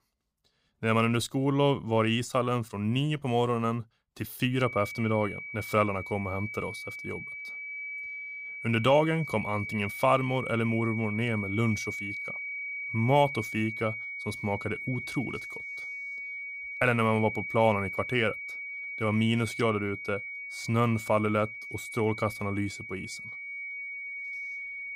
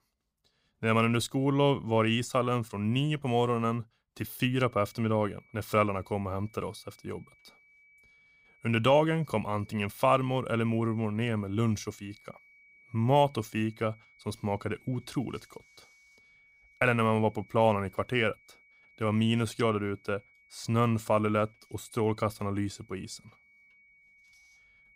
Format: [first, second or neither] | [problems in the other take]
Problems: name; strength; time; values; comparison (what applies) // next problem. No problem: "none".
second | high-pitched whine; loud; from 4.5 s on; 2.5 kHz, 7 dB below the speech; faint in the second